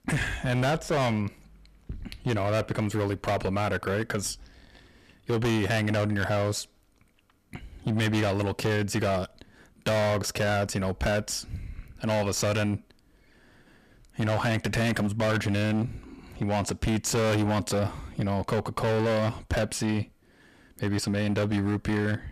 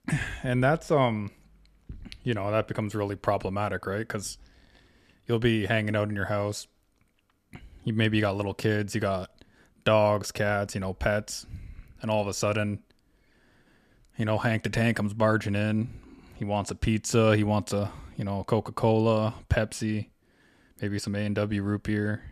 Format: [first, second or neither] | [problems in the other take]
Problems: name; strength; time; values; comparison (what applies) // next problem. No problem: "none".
second | distortion; heavy; 21% of the sound clipped